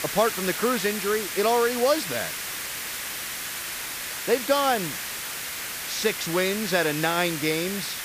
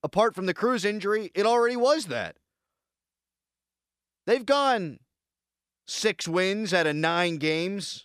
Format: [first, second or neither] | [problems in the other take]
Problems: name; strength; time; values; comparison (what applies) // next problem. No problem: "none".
second | hiss; loud; throughout; 5 dB below the speech